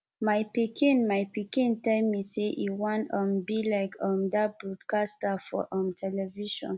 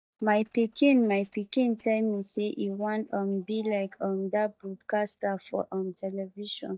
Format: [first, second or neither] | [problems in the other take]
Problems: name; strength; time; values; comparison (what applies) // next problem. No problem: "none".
first | noise reduction (neural mask model DeepFilterNet 3)